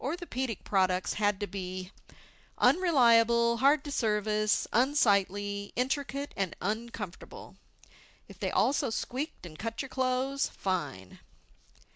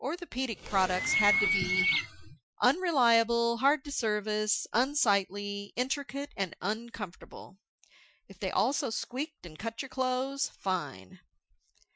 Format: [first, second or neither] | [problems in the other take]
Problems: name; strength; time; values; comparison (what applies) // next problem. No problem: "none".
first | noise reduction (classical method Wiener filter)